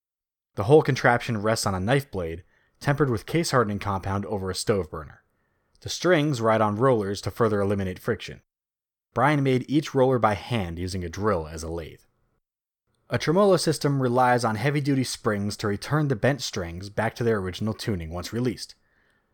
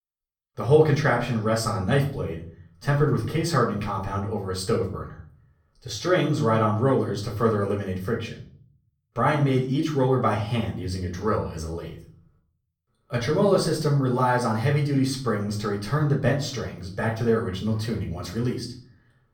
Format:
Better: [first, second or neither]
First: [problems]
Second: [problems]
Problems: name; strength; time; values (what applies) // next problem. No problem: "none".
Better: first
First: none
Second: off-mic speech; far // room echo; slight; dies away in 0.5 s